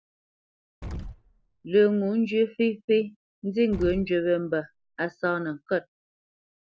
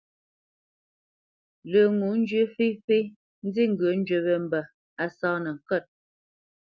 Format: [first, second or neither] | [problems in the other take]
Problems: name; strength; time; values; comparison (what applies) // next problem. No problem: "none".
second | background sound (Explosion); 13 dB below the speech